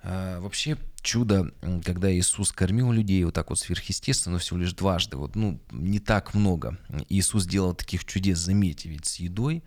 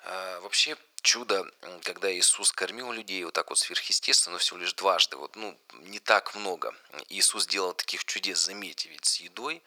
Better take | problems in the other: first | thin; very; fading below 450 Hz

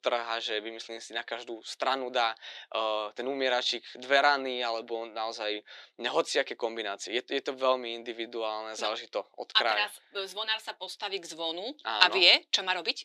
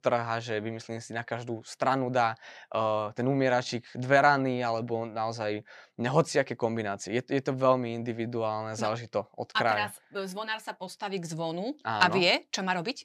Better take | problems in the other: second | thin; somewhat; fading below 350 Hz

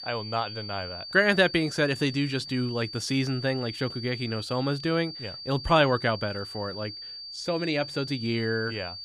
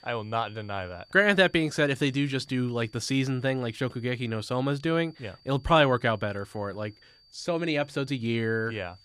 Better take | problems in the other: second | high-pitched whine; loud; throughout; 4.5 kHz, 10 dB below the speech; faint in the second

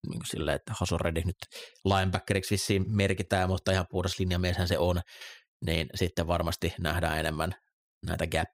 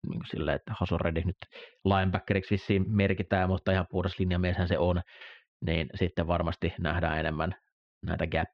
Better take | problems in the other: first | muffled; very; fading above 3 kHz

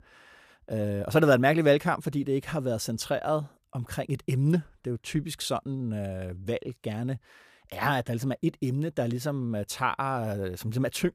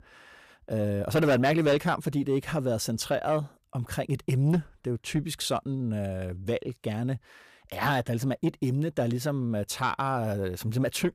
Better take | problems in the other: first | distortion; slight; 10 dB below the speech

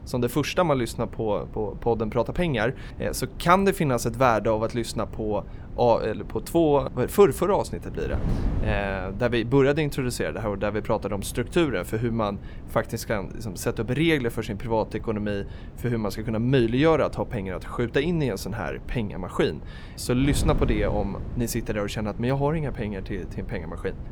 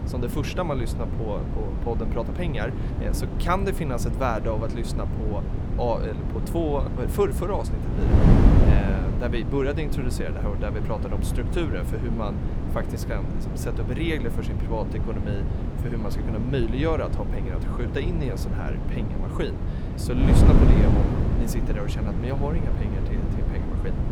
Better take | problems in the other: first | wind noise on the microphone; heavy; 3 dB below the speech; occasional gusts in the first

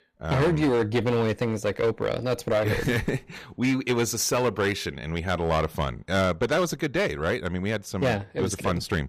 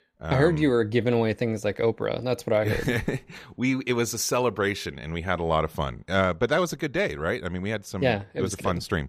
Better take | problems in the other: second | distortion; slight; 8% of the sound clipped

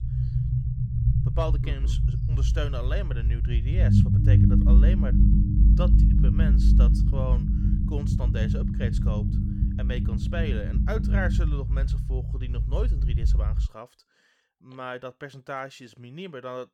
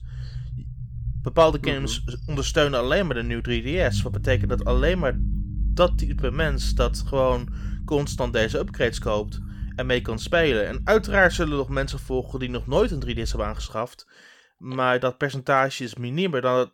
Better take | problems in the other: second | low rumble; loud; until 14 s; 1 dB below the speech; faint in the second

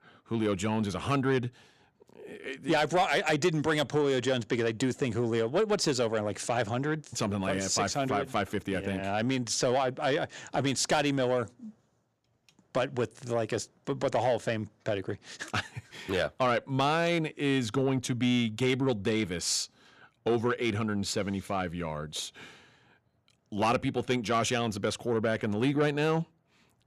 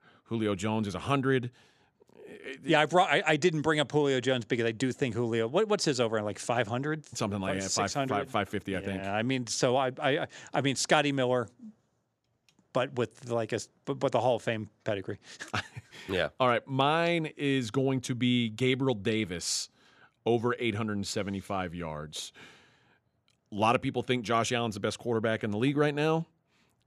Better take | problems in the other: second | distortion; slight; 10 dB below the speech

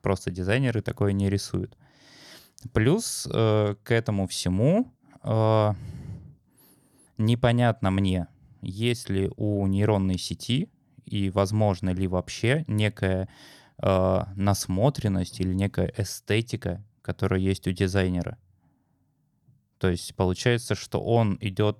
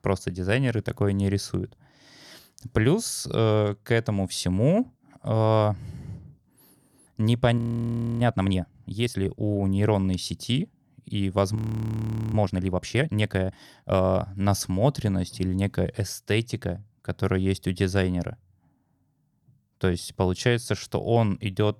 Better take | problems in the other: first | audio freezing; at 7.5 s for 0.5 s and at 12 s for 1 s

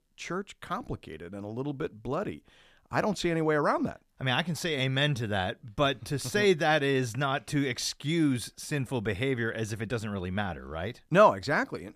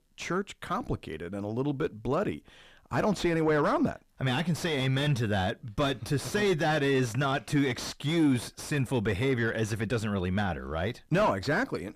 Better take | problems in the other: first | distortion; heavy; 6 dB below the speech

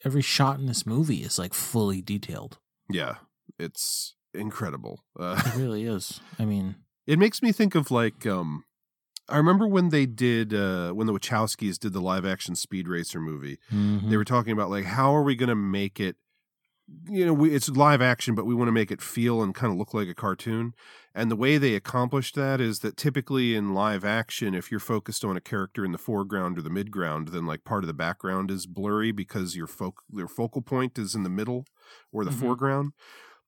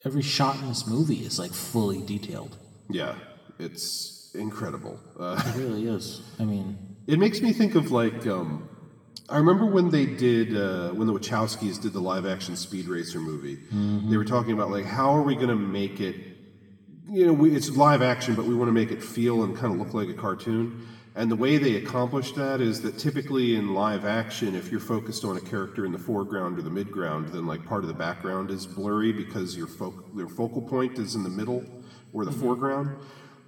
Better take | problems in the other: first | room echo; slight; dies away in 1.6 s // off-mic speech; somewhat distant

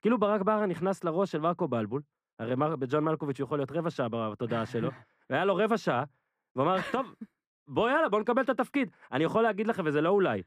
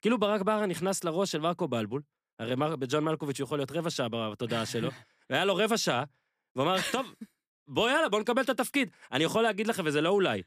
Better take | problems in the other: second | muffled; very; fading above 3 kHz

